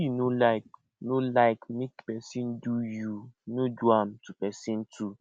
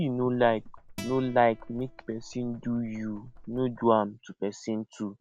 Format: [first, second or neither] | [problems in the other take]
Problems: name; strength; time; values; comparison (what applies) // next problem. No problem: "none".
first | background sound (Acoustic guitar + Knock); 19 dB below the speech